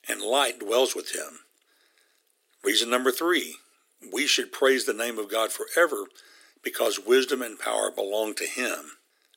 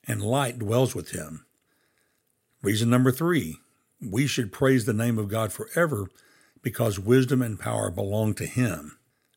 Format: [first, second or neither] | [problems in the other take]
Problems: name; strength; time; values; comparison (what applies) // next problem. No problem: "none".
second | thin; very; fading below 300 Hz